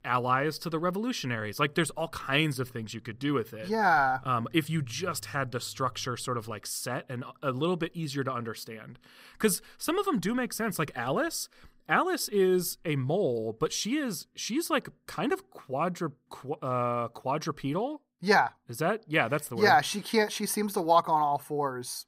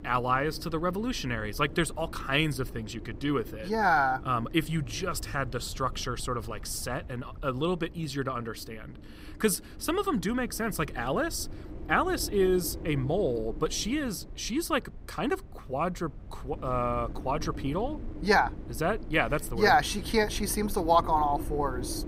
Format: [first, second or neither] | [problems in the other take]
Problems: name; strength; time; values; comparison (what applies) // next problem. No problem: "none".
first | wind noise on the microphone; occasional gusts; 20 dB below the speech